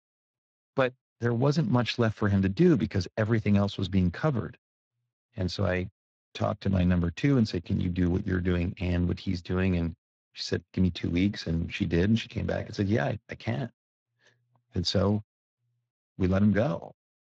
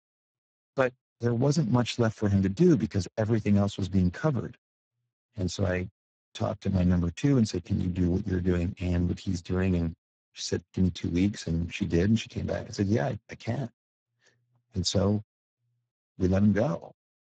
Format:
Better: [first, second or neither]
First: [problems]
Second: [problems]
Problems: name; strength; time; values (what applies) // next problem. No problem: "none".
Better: first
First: garbled, watery; slightly; nothing above 16 kHz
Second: garbled, watery; badly; nothing above 7.5 kHz